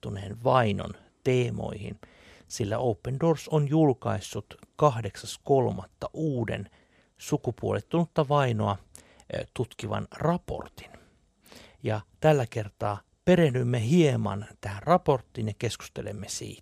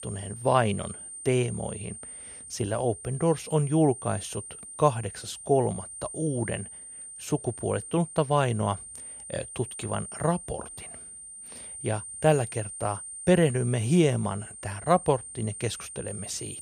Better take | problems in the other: first | high-pitched whine; noticeable; throughout; 9 kHz, 10 dB below the speech

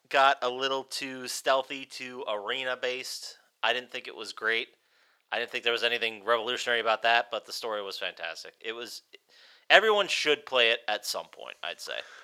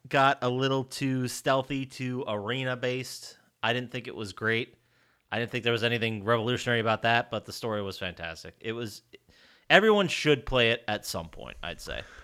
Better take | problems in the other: second | thin; very; fading below 600 Hz

